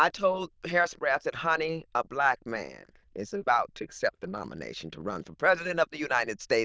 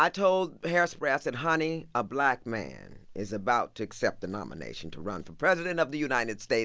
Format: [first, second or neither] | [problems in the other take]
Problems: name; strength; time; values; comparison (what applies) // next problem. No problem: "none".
second | noise reduction (neural diffusion model UNIVERSE++)